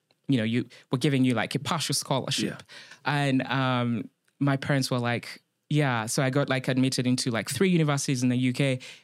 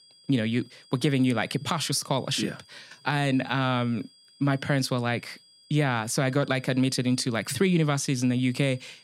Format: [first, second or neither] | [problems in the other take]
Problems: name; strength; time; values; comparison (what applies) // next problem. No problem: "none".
first | high-pitched whine; faint; throughout; 5 kHz, 25 dB below the speech